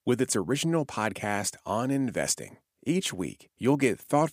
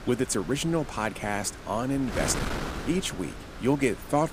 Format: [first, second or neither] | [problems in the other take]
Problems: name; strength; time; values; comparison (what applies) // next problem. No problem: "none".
first | wind noise on the microphone; heavy; 8 dB below the speech